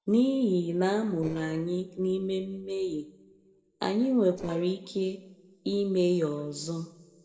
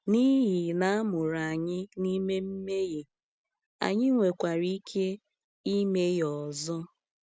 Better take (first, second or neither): second